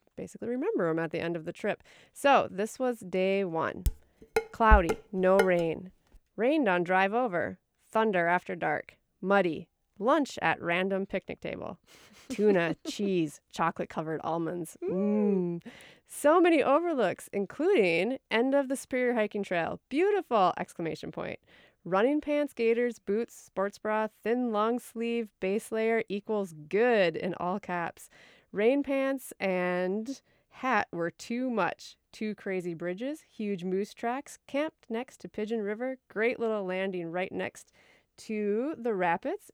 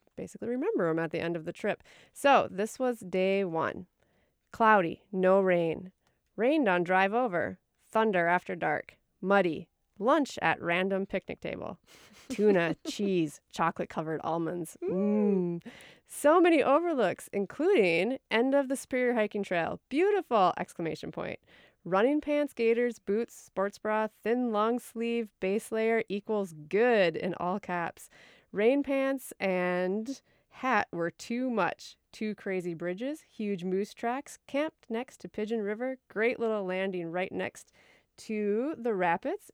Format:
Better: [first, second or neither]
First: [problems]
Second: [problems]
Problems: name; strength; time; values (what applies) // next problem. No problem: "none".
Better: second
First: clattering dishes; loud; from 4 to 5.5 s; peak 1 dB above the speech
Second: none